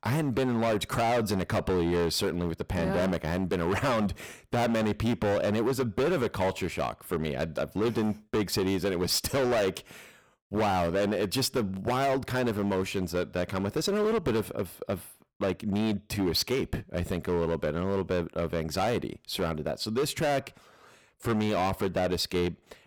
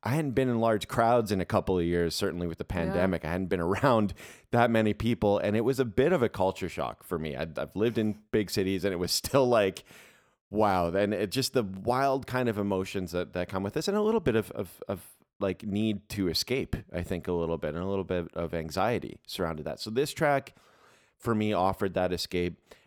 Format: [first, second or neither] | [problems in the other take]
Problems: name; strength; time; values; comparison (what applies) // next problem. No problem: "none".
second | distortion; heavy; 16% of the sound clipped